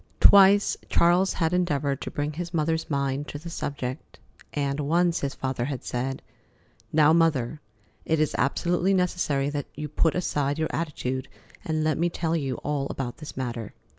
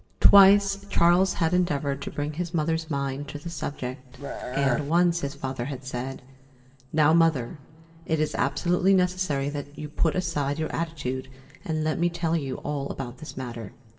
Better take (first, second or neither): first